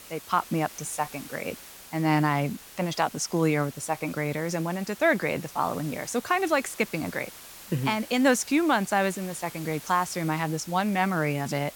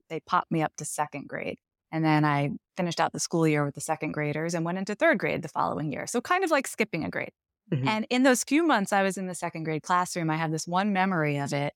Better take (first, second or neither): second